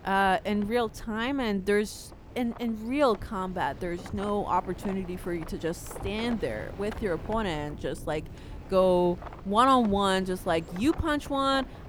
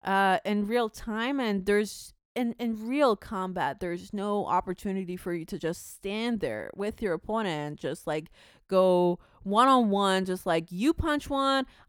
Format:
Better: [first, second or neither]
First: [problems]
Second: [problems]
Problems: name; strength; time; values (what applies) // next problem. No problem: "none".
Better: second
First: wind noise on the microphone; occasional gusts; 20 dB below the speech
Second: none